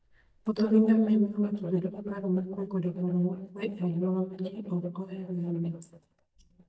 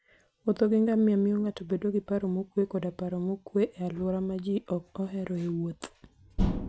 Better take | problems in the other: second | noise reduction (neural mask model DeepFilterNet 3)

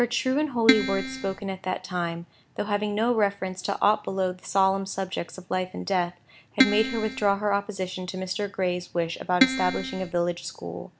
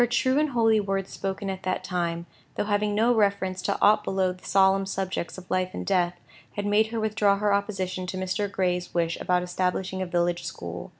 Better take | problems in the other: second | background sound (Keyboard (musical)); 1 dB above the speech

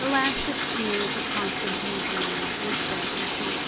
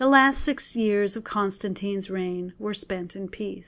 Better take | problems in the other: second | background sound (Bathtub (filling or washing)); 3 dB above the speech

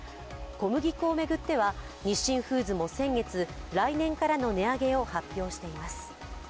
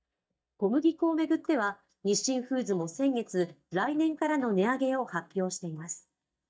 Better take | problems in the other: first | noise reduction (neural mask model DeepFilterNet 3)

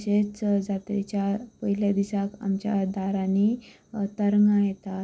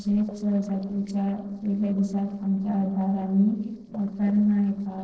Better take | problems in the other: first | noise reduction (neural separator model SepFormer DNS4)

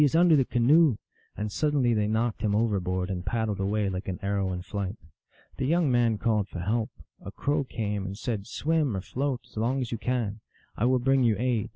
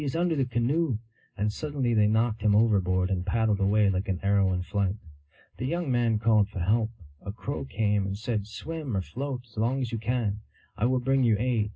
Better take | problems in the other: first | room echo; dies away in 0.2 s

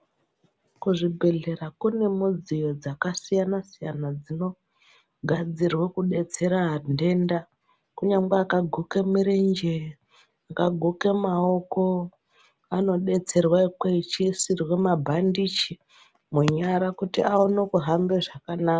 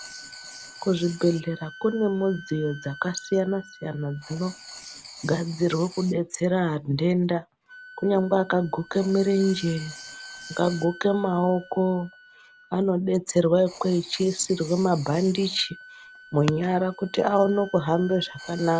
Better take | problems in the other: first | background sound (Writing + Wind instrument, woodwind instrument); 19 dB below the speech

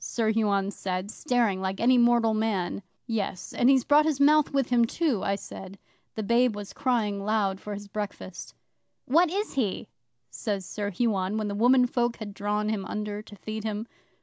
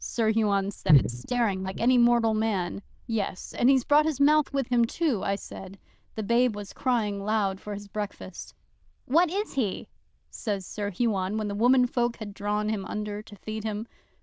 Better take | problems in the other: first | noise reduction (neural diffusion model UNIVERSE++)

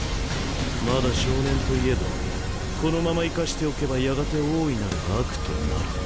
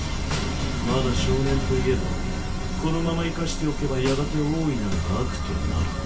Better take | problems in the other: first | background sound (Snare drum); 17 dB below the speech // room echo; dies away in 0.1 s

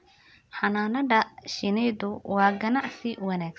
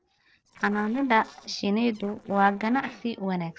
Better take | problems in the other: first | noise reduction (neural separator model SepFormer DNS4)

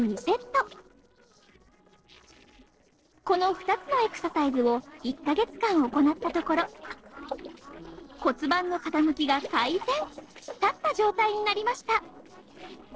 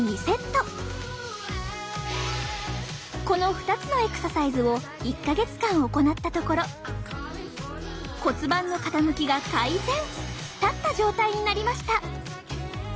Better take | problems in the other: second | noise reduction (neural separator model SepFormer DNS4)

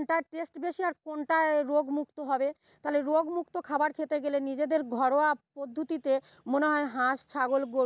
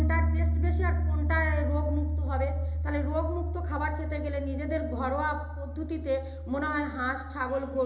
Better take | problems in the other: first | background sound (Piano); 3 dB above the speech // room echo; dies away in 1 s

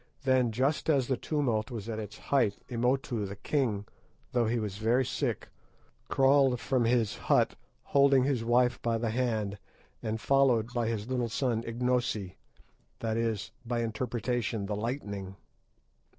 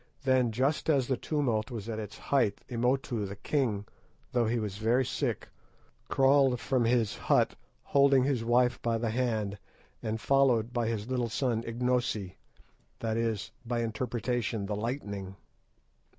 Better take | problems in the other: second | noise reduction (neural separator model SepFormer DNS4)

